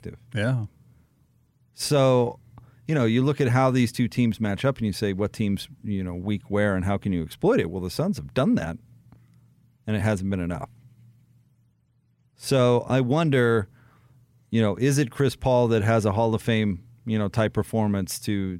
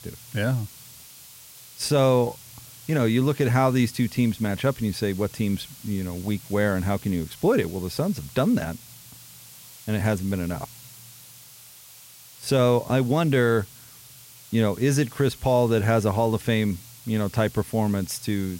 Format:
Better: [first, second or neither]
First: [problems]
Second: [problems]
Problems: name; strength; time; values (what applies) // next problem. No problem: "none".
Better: first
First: none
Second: hiss; noticeable; throughout; 20 dB below the speech